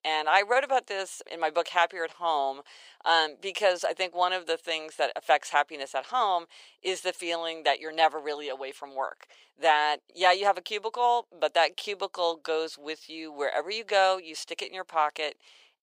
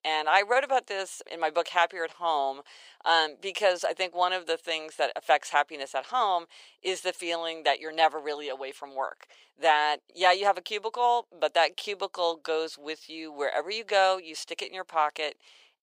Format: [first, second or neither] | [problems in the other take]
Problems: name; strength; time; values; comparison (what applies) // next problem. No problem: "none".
neither | thin; very; fading below 550 Hz; the same in both